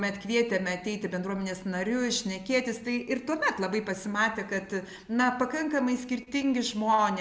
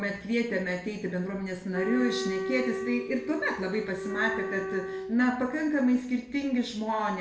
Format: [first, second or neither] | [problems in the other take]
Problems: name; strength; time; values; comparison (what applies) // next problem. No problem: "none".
first | background sound (Wind instrument, woodwind instrument); 6 dB below the speech // room echo; dies away in 0.4 s